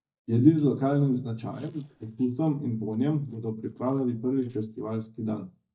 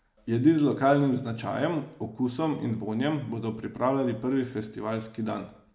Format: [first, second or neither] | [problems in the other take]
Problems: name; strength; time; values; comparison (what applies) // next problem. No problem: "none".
second | noise reduction (neural mask model DeepFilterNet 3)